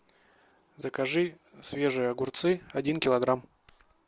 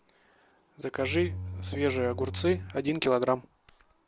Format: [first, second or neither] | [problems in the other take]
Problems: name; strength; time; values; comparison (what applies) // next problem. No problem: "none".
first | background sound (Bowed string instrument); 7 dB below the speech